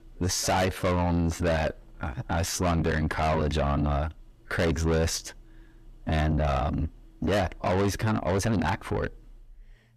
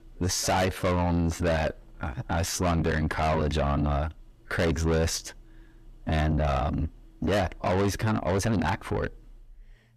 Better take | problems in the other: neither | distortion; heavy; 7 dB below the speech; the same in both

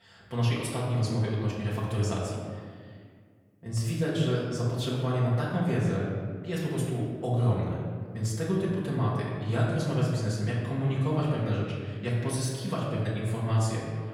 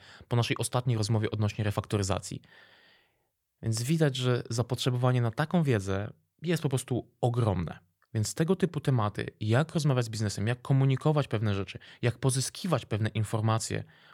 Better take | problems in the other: second | room echo; noticeable; dies away in 1.7 s // off-mic speech; far

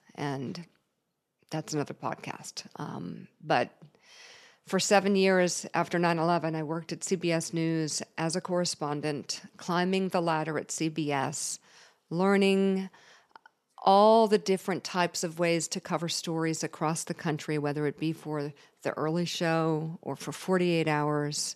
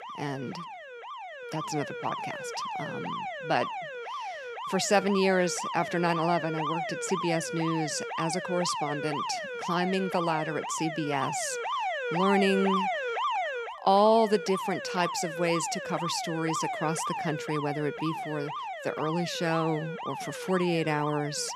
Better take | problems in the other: first | alarms or sirens; loud; throughout; 5 dB below the speech

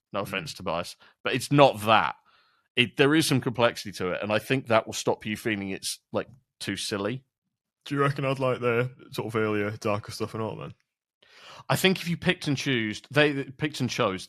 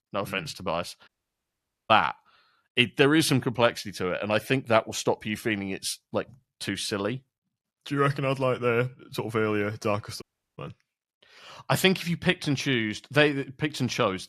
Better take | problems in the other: first | audio cutting out; at 1 s for 1 s and at 10 s

